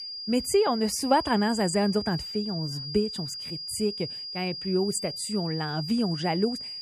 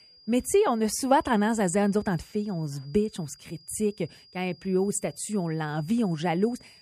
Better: second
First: high-pitched whine; loud; throughout; 5 kHz, 7 dB below the speech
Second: high-pitched whine; faint; throughout; 5 kHz, 25 dB below the speech

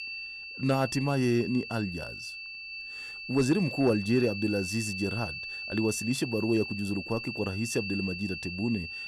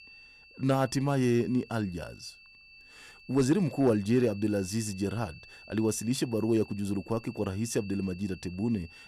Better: second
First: high-pitched whine; loud; throughout; 2.5 kHz, 7 dB below the speech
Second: high-pitched whine; faint; throughout; 2.5 kHz, 20 dB below the speech

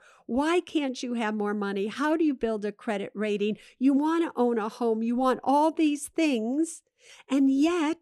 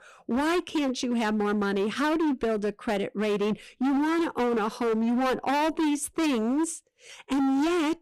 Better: first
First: none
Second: distortion; heavy; 28% of the sound clipped

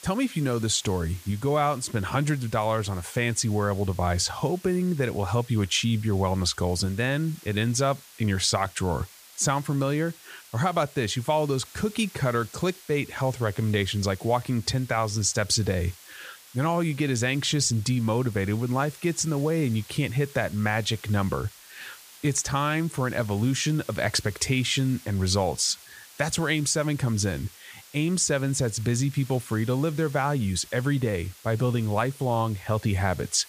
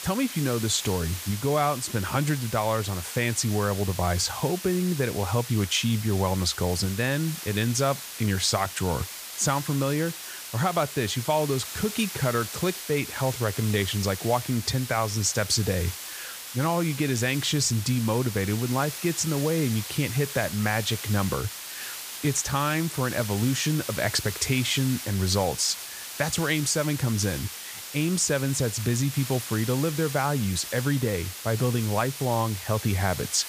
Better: first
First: hiss; faint; throughout; 20 dB below the speech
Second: hiss; loud; throughout; 8 dB below the speech

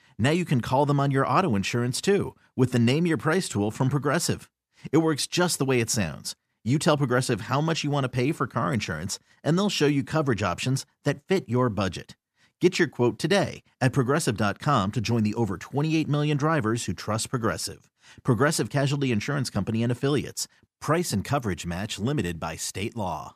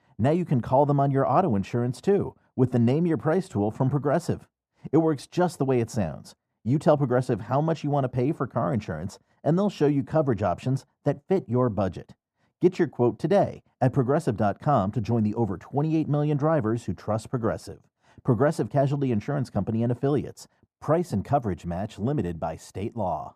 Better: first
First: none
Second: muffled; very; fading above 1.5 kHz

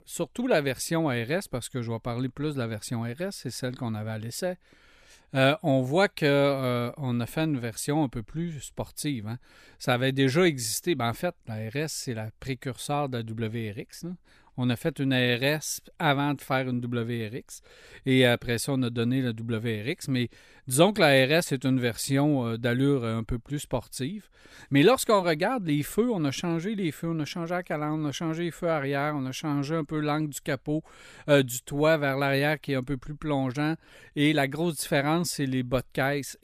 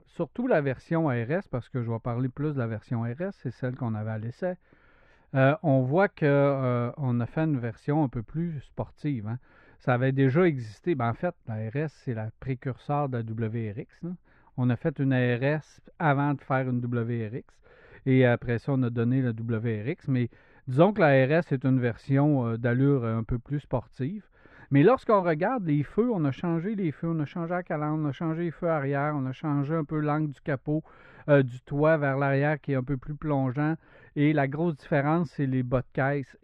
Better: first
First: none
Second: muffled; very; fading above 1.5 kHz

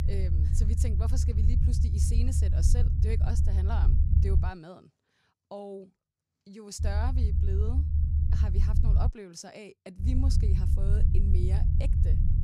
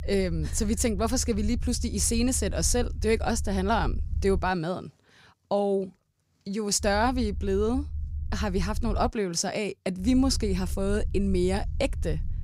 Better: second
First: low rumble; loud; until 4.5 s, from 7 to 9 s and from 10 s on; 1 dB below the speech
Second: low rumble; faint; until 4.5 s, from 7 to 9 s and from 10 s on; 25 dB below the speech

